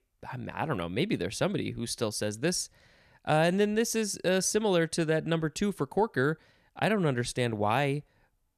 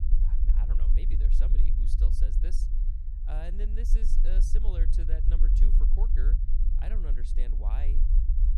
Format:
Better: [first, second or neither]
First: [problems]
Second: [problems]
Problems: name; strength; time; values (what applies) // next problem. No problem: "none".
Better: first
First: none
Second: low rumble; loud; throughout; 3 dB below the speech